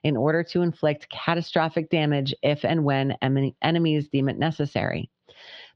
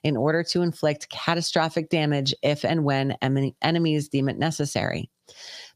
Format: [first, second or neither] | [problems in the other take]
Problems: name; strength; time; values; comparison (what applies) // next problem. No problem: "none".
second | muffled; slightly; fading above 3.5 kHz